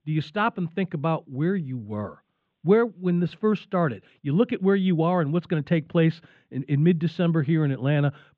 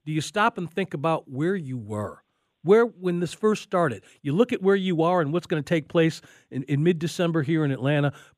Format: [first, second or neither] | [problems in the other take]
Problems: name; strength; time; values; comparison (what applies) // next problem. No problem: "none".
second | muffled; slightly; fading above 4 kHz